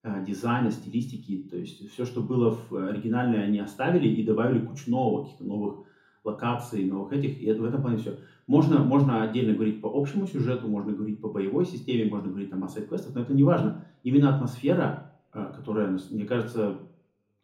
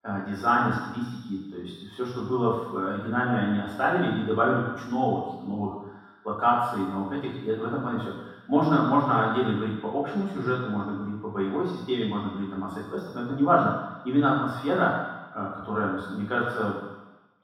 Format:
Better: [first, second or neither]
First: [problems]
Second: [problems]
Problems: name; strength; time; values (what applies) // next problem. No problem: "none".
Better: first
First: room echo; slight; dies away in 0.6 s // off-mic speech; far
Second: room echo; strong; dies away in 1.2 s // off-mic speech; far